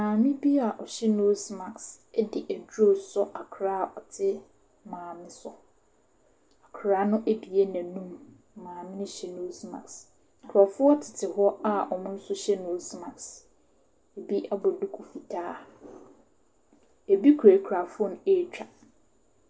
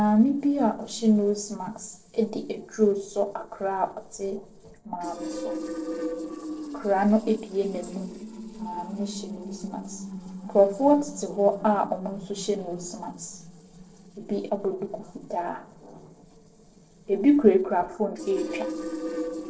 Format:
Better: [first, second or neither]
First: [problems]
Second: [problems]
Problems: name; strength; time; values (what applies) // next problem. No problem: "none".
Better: first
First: none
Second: noise reduction (neural separator model SepFormer DNS4)